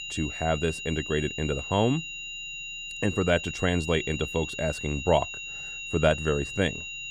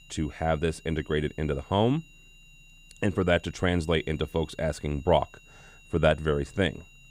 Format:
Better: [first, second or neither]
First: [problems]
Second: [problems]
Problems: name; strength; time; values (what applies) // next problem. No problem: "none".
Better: second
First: high-pitched whine; loud; throughout; 3 kHz, 7 dB below the speech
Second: high-pitched whine; faint; throughout; 3 kHz, 25 dB below the speech